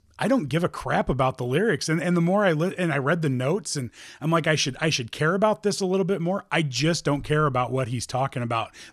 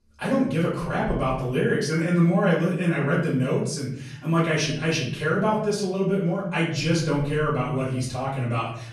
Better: first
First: none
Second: off-mic speech; far // room echo; noticeable; dies away in 0.7 s

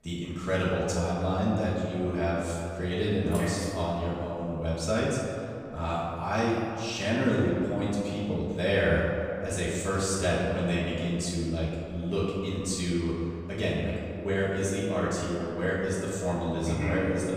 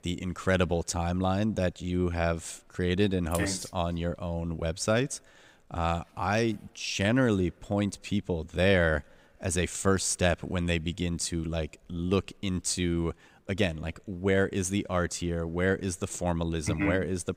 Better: second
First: room echo; noticeable; dies away in 2.4 s // off-mic speech; far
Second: none

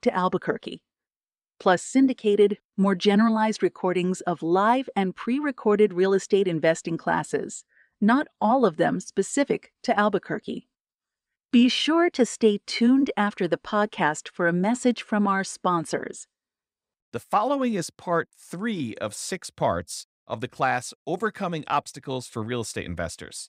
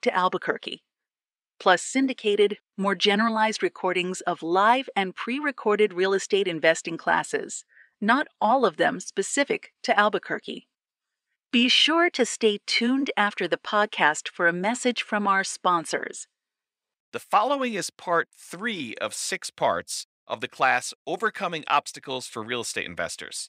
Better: first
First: none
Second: thin; very slightly; fading below 1 kHz

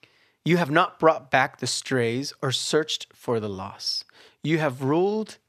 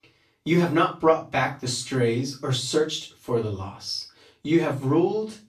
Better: first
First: none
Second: room echo; slight; dies away in 0.3 s // off-mic speech; far

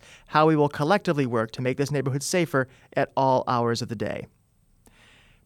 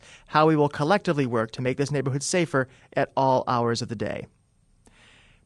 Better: first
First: none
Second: garbled, watery; slightly

